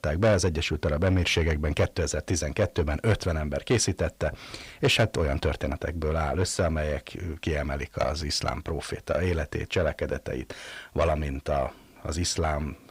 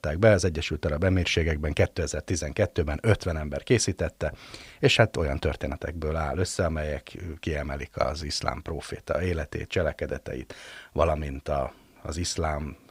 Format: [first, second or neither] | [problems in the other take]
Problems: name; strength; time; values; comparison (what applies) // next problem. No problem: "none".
second | distortion; slight; 10 dB below the speech